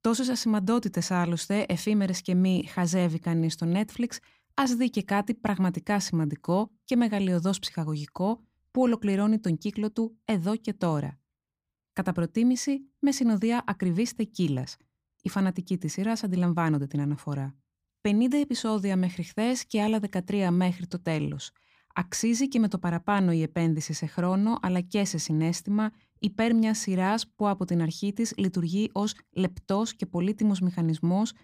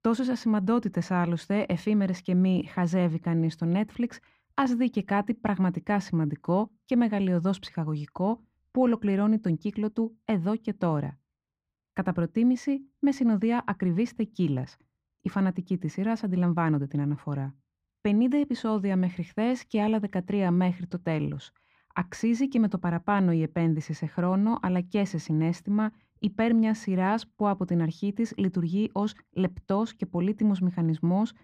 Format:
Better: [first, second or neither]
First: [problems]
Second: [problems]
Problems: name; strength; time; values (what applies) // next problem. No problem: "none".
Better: first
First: none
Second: muffled; slightly; fading above 4 kHz